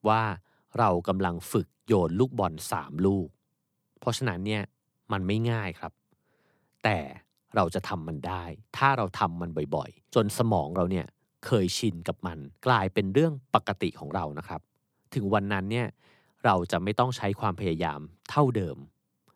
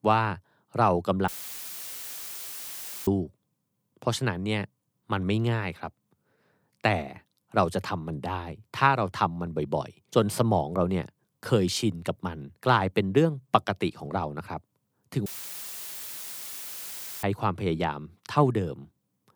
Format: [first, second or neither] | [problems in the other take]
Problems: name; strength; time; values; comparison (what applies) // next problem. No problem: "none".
first | audio cutting out; filled with static; at 1.5 s for 2 s and at 15 s for 2 s